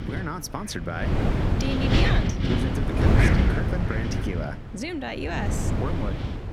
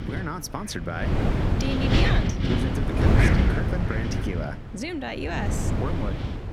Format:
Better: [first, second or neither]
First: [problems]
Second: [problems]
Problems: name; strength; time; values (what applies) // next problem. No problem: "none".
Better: neither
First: wind noise on the microphone; heavy; 3 dB above the speech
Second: wind noise on the microphone; heavy; 3 dB above the speech